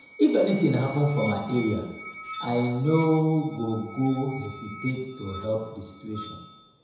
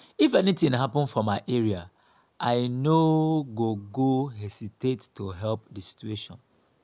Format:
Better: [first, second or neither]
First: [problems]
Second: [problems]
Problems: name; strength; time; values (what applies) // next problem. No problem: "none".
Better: second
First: background sound (Musical instrument); 15 dB below the speech // room echo; dies away in 1 s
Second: none